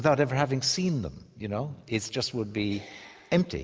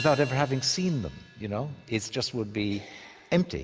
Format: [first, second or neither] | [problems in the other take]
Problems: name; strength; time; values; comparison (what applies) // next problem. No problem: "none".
first | background sound (Hi-hat); 18 dB below the speech